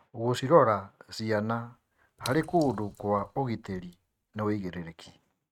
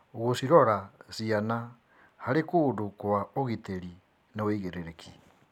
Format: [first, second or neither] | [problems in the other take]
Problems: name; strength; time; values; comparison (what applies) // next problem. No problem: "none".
second | noise reduction (neural mask model RNNoise)